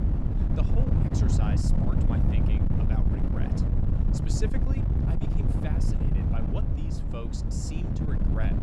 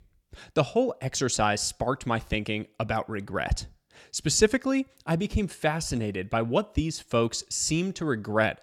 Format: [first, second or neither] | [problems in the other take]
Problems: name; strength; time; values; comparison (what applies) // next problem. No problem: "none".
second | wind noise on the microphone; heavy; 4 dB above the speech